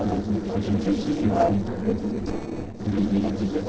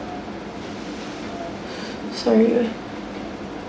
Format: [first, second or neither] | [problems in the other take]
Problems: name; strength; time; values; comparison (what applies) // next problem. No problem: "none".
second | noise reduction (neural separator model SepFormer DNS4)